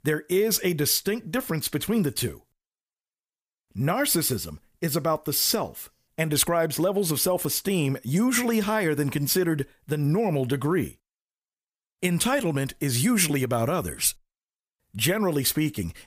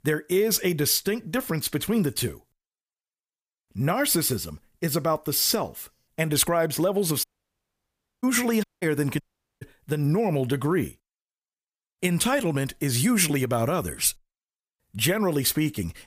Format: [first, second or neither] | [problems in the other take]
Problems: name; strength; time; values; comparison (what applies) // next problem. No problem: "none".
first | audio cutting out; at 7 s for 1 s, at 8.5 s and at 9 s